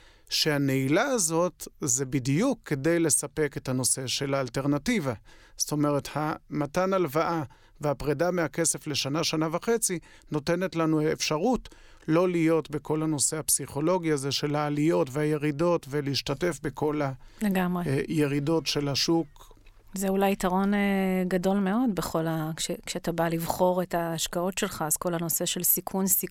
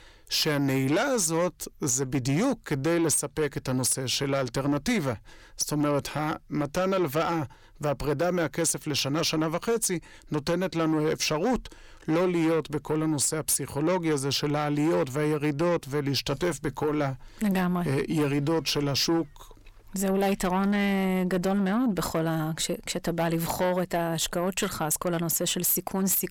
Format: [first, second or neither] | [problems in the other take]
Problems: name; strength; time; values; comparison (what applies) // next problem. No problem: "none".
first | distortion; slight; 10 dB below the speech